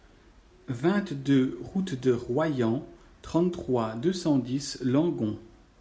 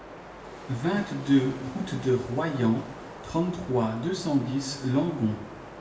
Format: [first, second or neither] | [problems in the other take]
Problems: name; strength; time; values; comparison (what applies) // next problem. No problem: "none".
first | background sound (Wind); 15 dB below the speech // room echo; dies away in 0.7 s